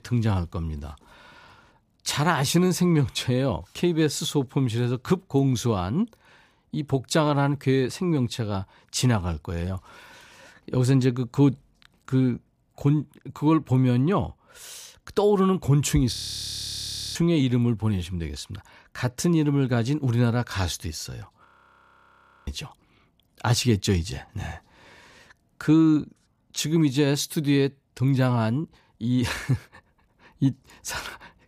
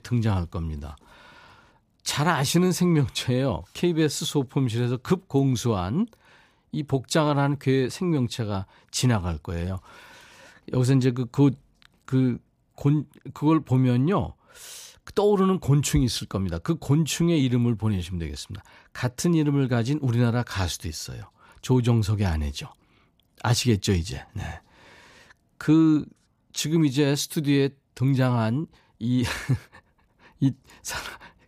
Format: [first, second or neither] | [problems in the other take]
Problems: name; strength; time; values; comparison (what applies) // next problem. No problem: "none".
second | audio freezing; at 16 s for 1 s and at 21 s for 1 s